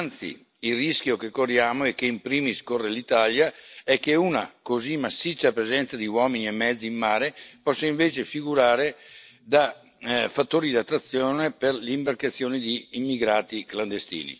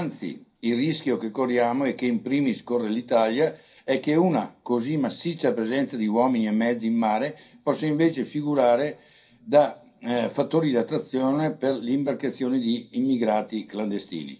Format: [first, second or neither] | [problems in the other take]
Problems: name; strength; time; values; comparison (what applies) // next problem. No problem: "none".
first | room echo; dies away in 0.3 s